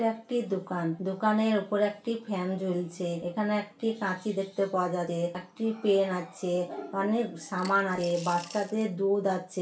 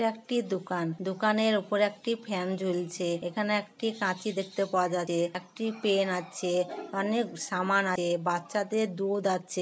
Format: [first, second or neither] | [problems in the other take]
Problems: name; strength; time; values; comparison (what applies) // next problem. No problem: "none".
second | background sound (Coin (dropping) / Glass); 18 dB below the speech // room echo; dies away in 0.3 s